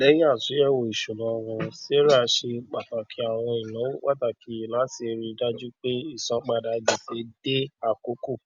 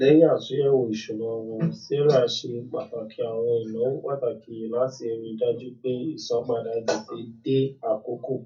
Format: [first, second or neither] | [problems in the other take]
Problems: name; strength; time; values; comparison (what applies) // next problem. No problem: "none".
first | room echo; dies away in 0.3 s